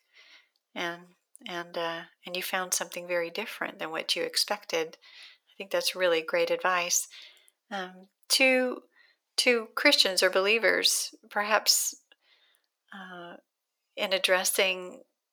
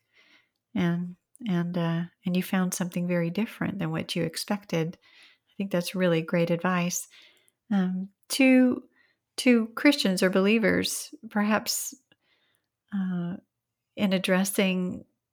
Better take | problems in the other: second | thin; very; fading below 450 Hz

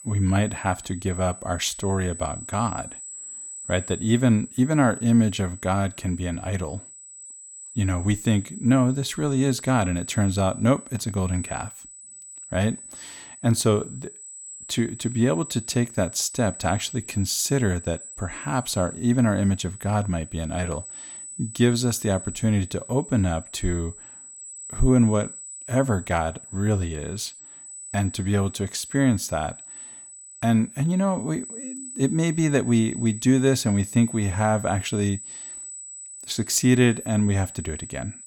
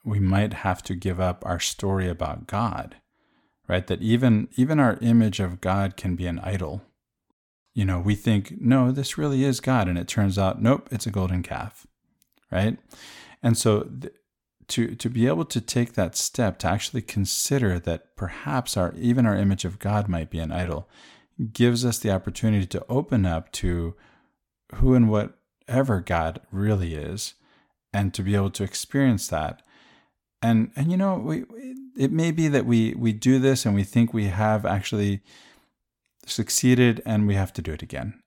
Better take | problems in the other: second | high-pitched whine; noticeable; throughout; 8 kHz, 15 dB below the speech

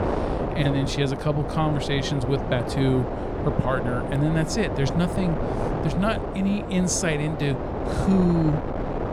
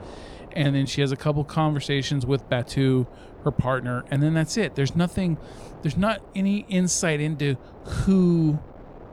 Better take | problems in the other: second | wind noise on the microphone; heavy; 2 dB below the speech; occasional gusts in the second

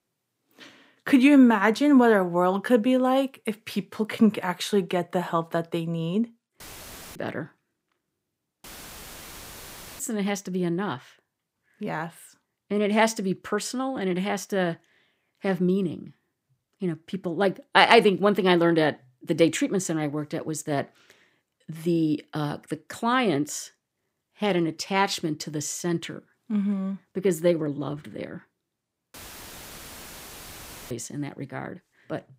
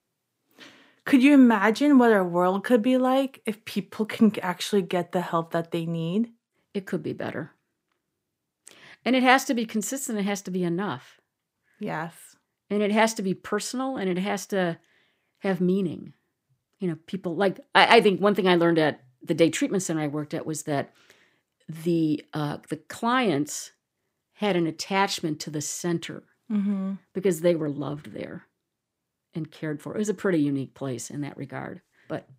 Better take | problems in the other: second | audio cutting out; filled with static; at 6.5 s for 0.5 s, at 8.5 s for 1.5 s and at 29 s for 2 s

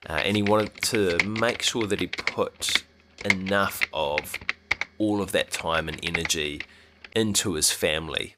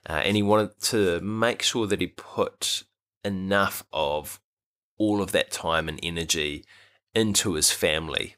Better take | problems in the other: second | keyboard typing; loud; until 6.5 s; peak level with the speech

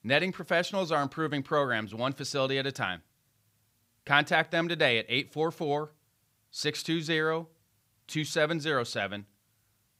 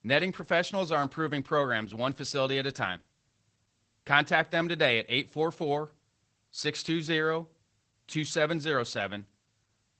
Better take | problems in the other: first | garbled, watery; badly; nothing above 8 kHz

